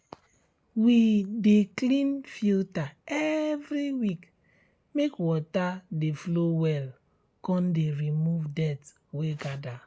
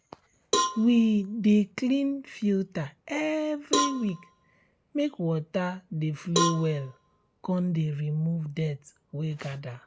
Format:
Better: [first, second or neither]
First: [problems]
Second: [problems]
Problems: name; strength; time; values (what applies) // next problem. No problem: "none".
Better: first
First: none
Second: background sound (Cowbell); 5 dB below the speech